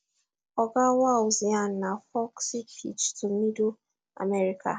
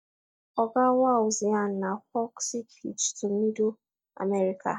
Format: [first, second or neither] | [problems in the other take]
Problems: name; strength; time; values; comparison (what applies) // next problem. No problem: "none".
first | noise reduction (neural mask model DeepFilterNet 3)